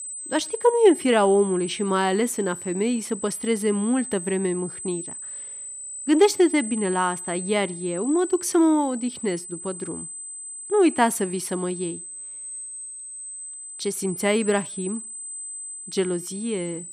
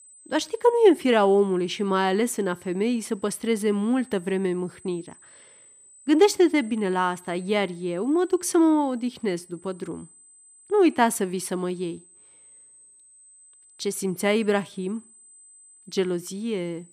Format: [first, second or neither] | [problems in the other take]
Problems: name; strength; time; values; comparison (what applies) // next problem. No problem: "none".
second | high-pitched whine; loud; throughout; 8 kHz, 10 dB below the speech; faint in the second